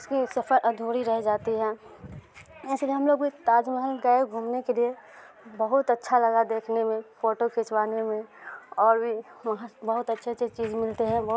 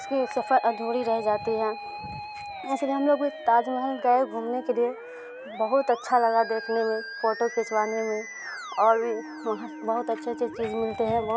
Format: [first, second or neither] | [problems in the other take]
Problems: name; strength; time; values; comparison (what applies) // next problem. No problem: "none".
first | background sound (Musical instrument); 12 dB below the speech